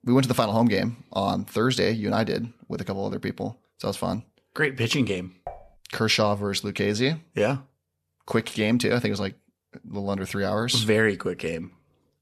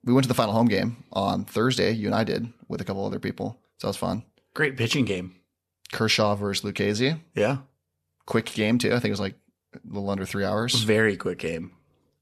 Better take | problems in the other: second | clattering dishes; faint; at 5.5 s; peak 15 dB below the speech

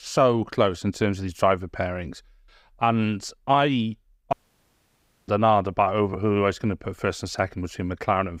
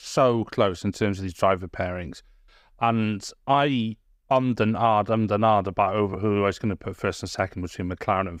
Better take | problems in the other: second | audio cutting out; at 4.5 s for 1 s

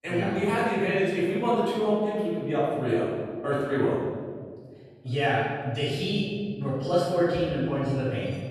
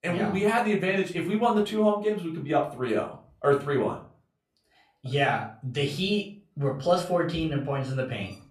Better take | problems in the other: second | room echo; strong; dies away in 1.8 s; slight in the second // off-mic speech; far; far in the second

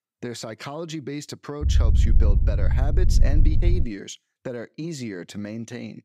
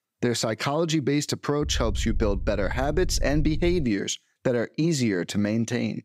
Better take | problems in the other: second | low rumble; loud; from 1.5 to 4 s; 5 dB below the speech; faint in the second

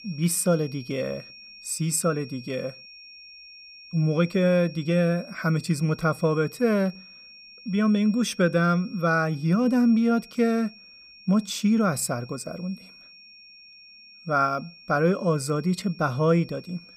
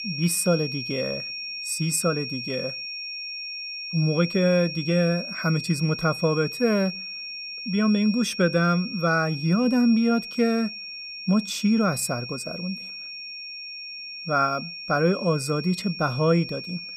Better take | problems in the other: first | high-pitched whine; loud; throughout; 5.5 kHz, 8 dB below the speech; faint in the first

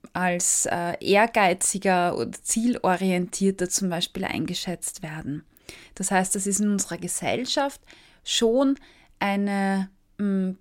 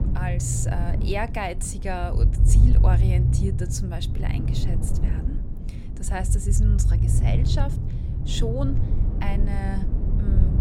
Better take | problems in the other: first | low rumble; loud; throughout; 5 dB below the speech

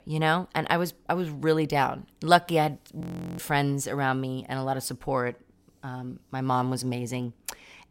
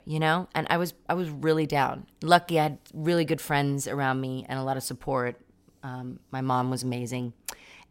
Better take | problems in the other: second | audio freezing; at 3 s

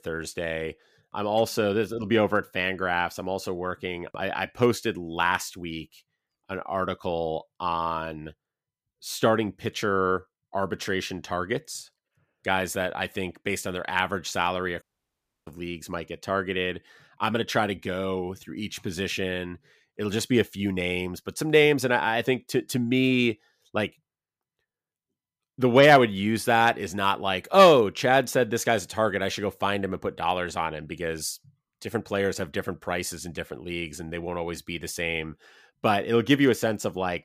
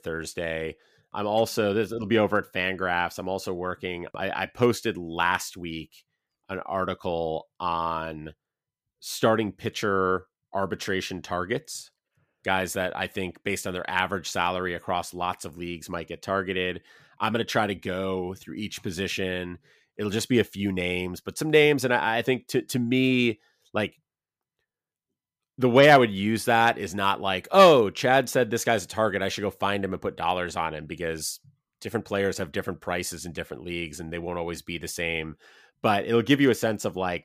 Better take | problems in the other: second | audio cutting out; at 15 s for 0.5 s

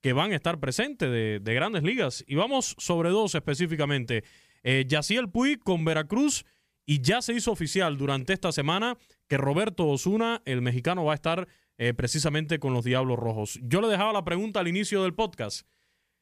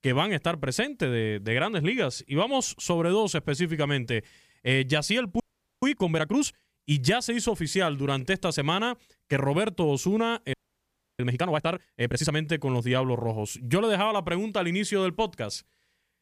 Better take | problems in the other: first | audio freezing; at 5.5 s and at 11 s for 0.5 s

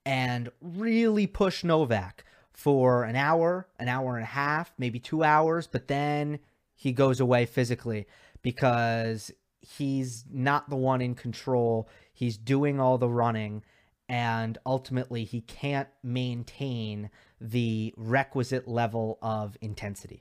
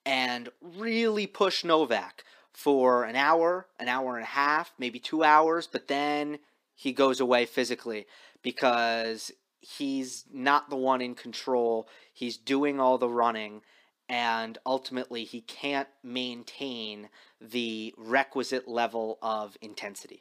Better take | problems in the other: first | thin; very slightly; fading below 300 Hz

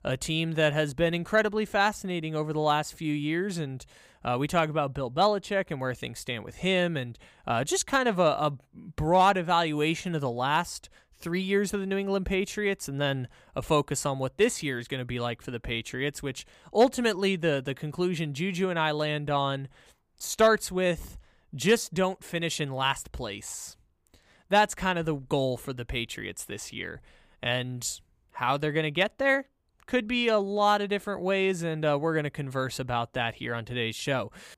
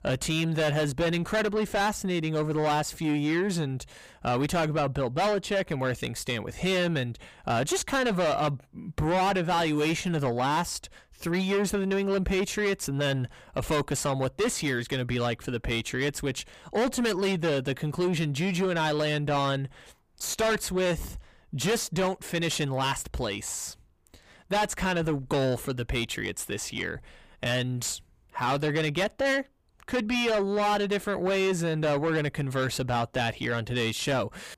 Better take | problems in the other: first | distortion; heavy; 6 dB below the speech

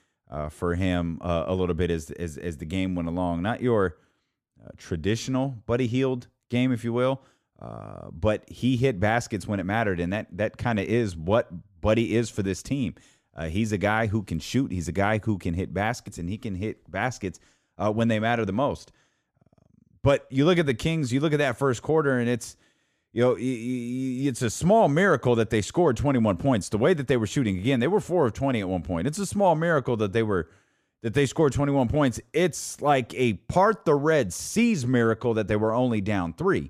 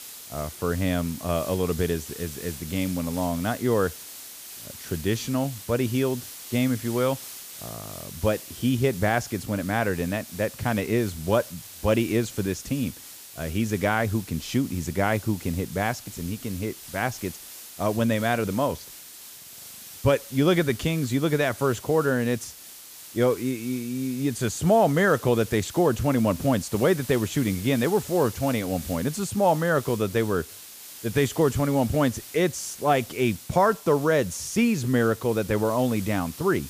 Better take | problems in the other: first | hiss; noticeable; throughout; 15 dB below the speech

